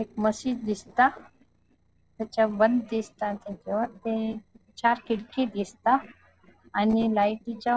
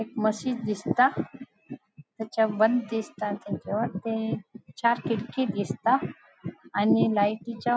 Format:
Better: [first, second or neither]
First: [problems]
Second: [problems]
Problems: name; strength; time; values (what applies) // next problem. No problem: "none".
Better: second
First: noise reduction (neural separator model SepFormer DNS4)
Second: none